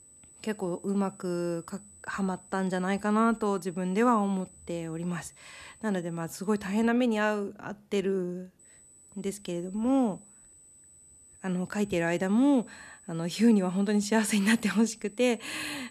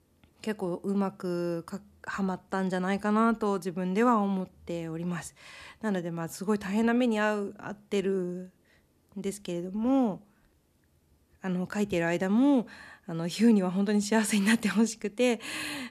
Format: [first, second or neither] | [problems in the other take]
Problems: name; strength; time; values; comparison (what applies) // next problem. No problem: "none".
second | high-pitched whine; faint; until 7 s and from 8.5 s on; 8 kHz, 25 dB below the speech